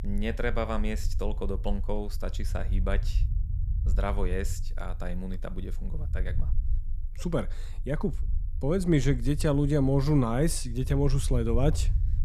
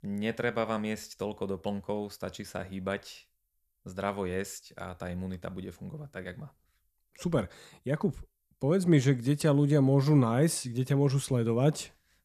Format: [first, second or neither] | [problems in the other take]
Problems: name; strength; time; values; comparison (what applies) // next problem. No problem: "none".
second | low rumble; faint; throughout; 20 dB below the speech